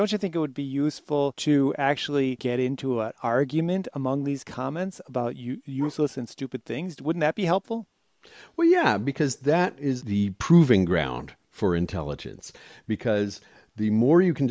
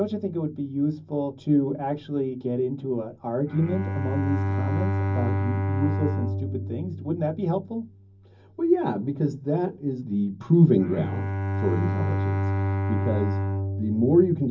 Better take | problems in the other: first | background sound (Bowed string instrument); 3 dB below the speech // room echo; dies away in 0.4 s

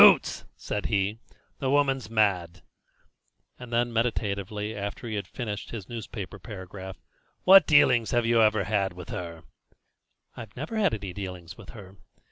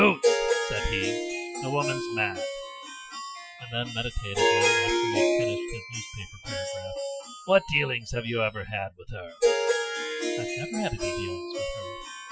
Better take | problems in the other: first | noise reduction (classical method Wiener filter)

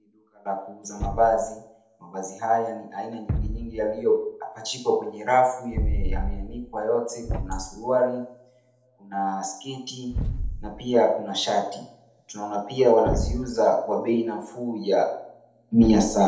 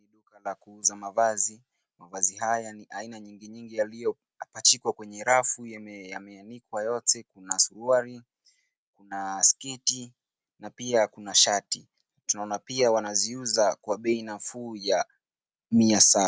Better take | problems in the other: second | background sound (Thump, thud); 8 dB below the speech // room echo; dies away in 0.7 s

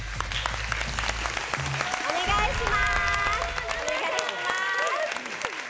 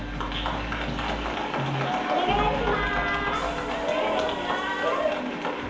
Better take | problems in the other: first | background sound (Subway, metro, underground / Train); 12 dB below the speech // room echo; dies away in 0.5 s

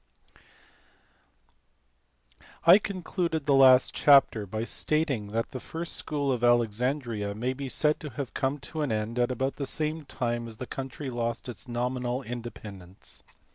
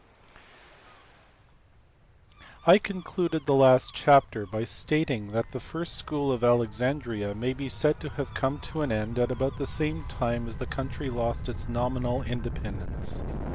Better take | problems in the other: first | background sound (Gull, seagull / Waves, surf / Siren); 10 dB below the speech

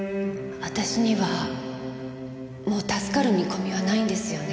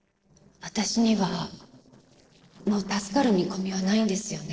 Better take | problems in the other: first | noise reduction (neural separator model SepFormer DNS4)

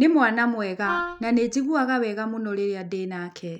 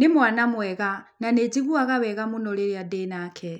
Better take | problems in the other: second | background sound (Wind instrument, woodwind instrument); 8 dB below the speech

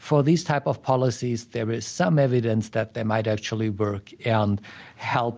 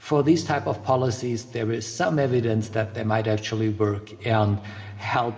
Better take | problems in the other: first | background sound (Engine); 18 dB below the speech // room echo; dies away in 1.3 s

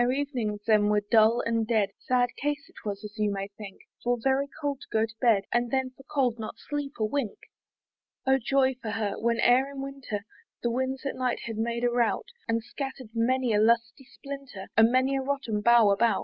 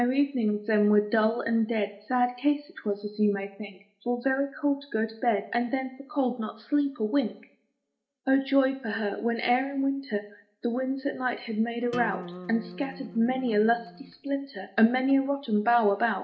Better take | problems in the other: first | background sound (Acoustic guitar); 14 dB below the speech // room echo; dies away in 0.4 s

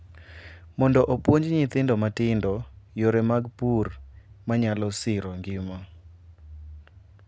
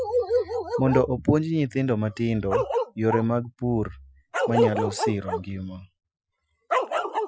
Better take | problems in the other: first | noise reduction (classical method Wiener filter)

